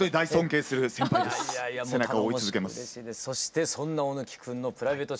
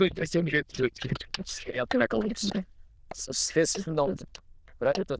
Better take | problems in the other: first | noise reduction (neural diffusion model UNIVERSE++)

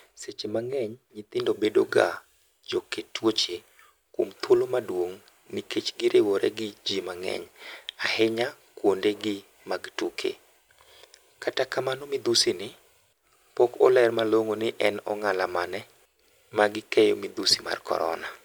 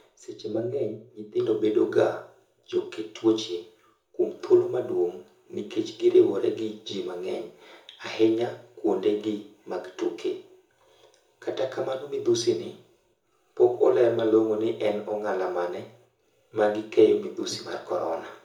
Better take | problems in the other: first | room echo; dies away in 0.6 s

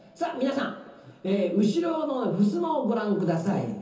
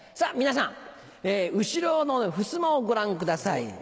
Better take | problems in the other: second | room echo; dies away in 0.6 s

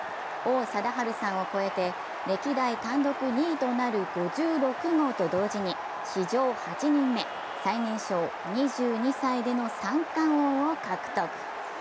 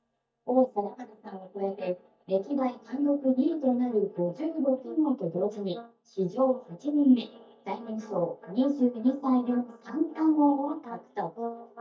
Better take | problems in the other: first | noise reduction (neural mask model DeepFilterNet 3)

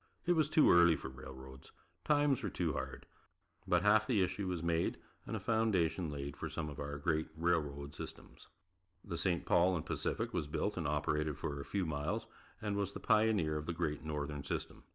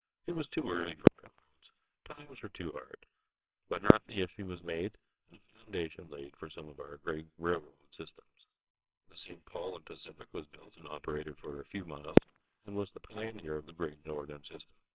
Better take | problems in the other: first | noise reduction (neural separator model SepFormer WHAMR!)

